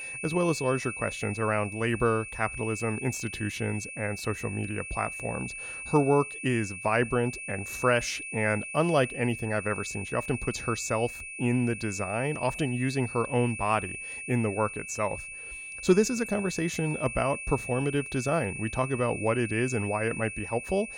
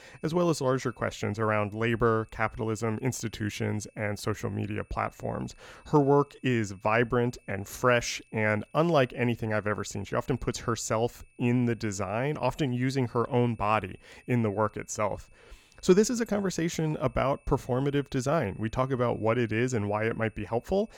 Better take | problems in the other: second | high-pitched whine; loud; throughout; 2.5 kHz, 8 dB below the speech; faint in the second

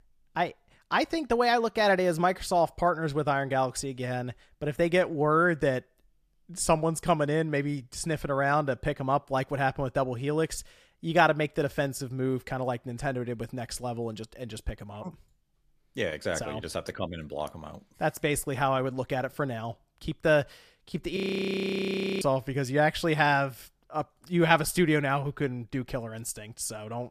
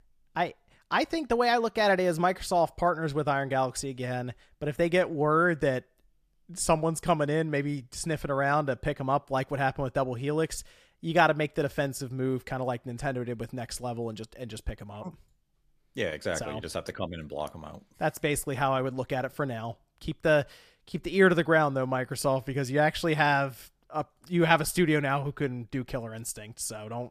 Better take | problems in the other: second | audio freezing; at 21 s for 1 s

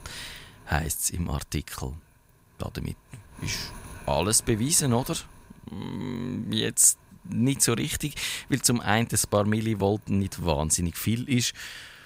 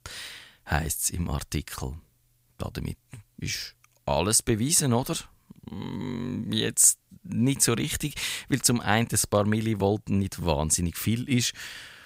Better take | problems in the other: second | wind noise on the microphone; occasional gusts; 25 dB below the speech

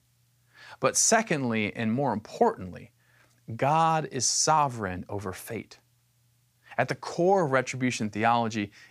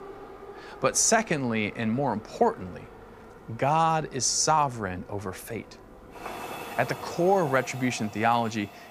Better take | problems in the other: first | train or aircraft noise; noticeable; throughout; 15 dB below the speech

